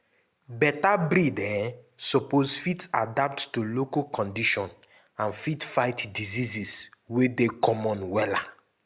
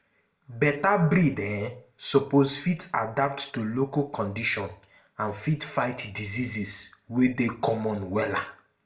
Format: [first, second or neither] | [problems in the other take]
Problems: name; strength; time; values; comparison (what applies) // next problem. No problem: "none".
first | room echo; dies away in 0.4 s